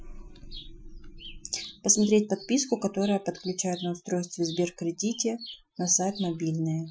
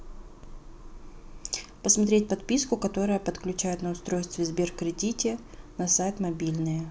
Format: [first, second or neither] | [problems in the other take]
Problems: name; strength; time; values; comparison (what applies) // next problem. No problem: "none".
second | noise reduction (classical method Wiener filter)